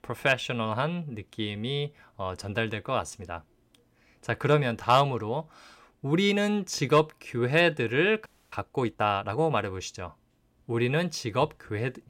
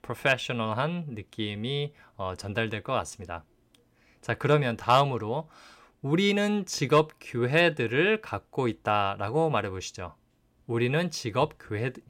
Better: second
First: audio freezing; at 8.5 s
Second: none

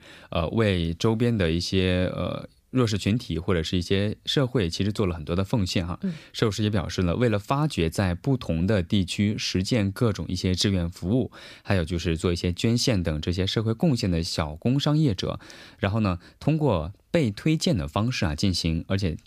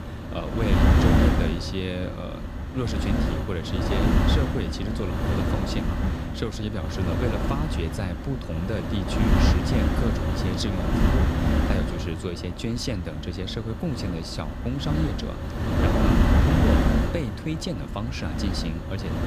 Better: first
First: none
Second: wind noise on the microphone; heavy; 3 dB above the speech

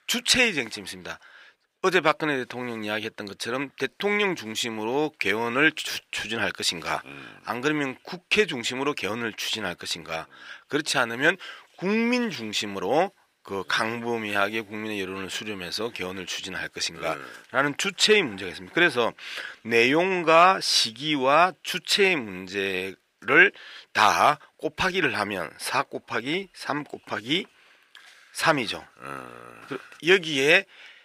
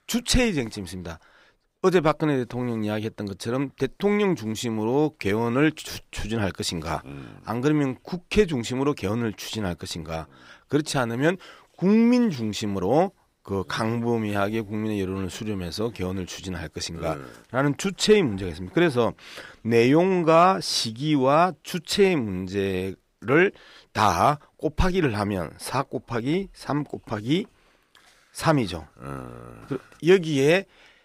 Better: second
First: thin; somewhat; fading below 1 kHz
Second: none

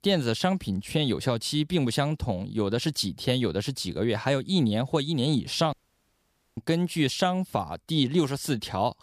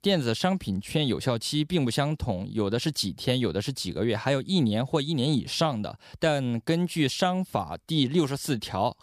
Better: second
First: audio cutting out; at 5.5 s for 1 s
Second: none

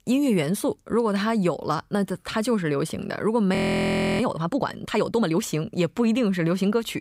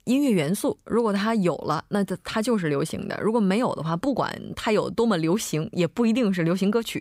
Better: second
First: audio freezing; at 3.5 s for 0.5 s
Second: none

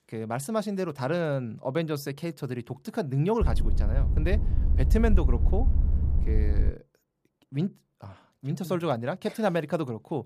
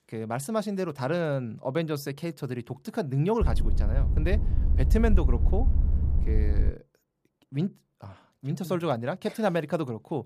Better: neither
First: low rumble; noticeable; from 3.5 to 6.5 s; 10 dB below the speech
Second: low rumble; noticeable; from 3.5 to 6.5 s; 10 dB below the speech

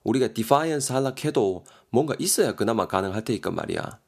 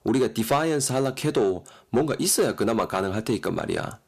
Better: first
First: none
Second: distortion; slight; 10 dB below the speech

